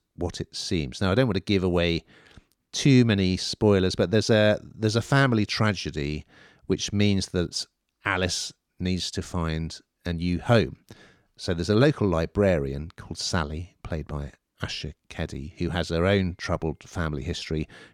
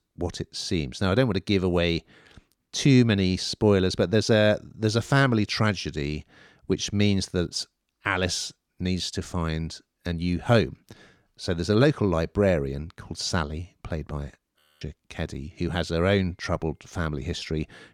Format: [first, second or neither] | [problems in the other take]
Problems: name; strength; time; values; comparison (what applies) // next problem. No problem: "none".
first | audio freezing; at 15 s